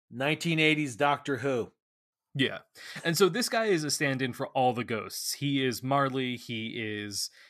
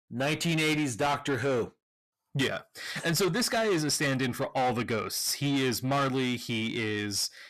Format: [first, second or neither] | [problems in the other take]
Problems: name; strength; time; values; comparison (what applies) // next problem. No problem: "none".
first | distortion; heavy; 7 dB below the speech